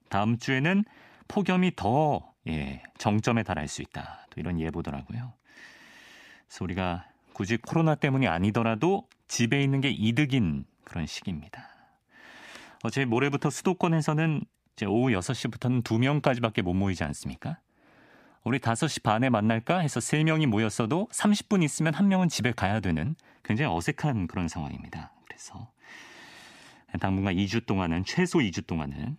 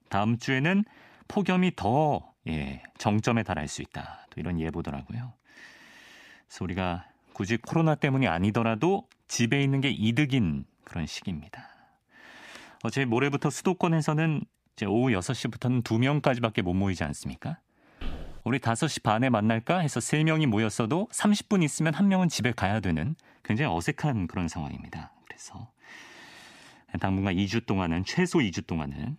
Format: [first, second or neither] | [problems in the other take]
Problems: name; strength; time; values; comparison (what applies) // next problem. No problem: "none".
first | footsteps; faint; at 18 s; peak 15 dB below the speech